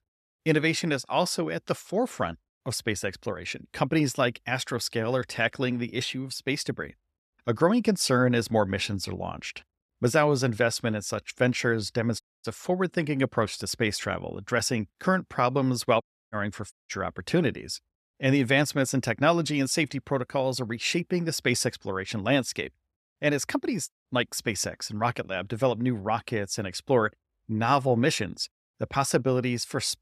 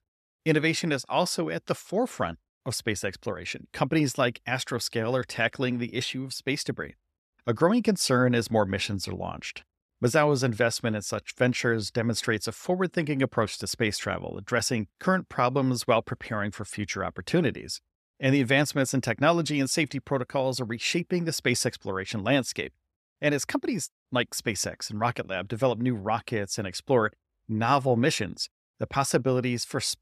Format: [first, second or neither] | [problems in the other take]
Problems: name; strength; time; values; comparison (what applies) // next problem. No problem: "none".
second | audio cutting out; at 12 s, at 16 s and at 17 s